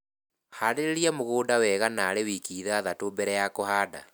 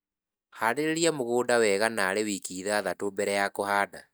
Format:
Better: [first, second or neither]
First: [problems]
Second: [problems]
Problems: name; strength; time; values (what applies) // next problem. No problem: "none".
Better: first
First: none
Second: noise reduction (neural mask model DeepFilterNet 3)